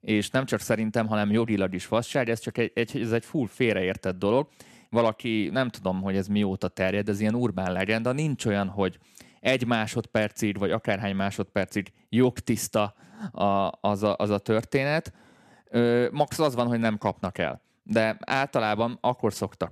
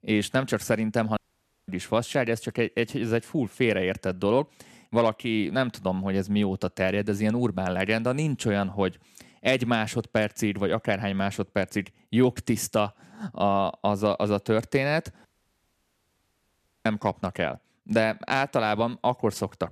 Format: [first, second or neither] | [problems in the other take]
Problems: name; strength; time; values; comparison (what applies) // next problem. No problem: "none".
first | audio cutting out; at 1 s for 0.5 s and at 15 s for 1.5 s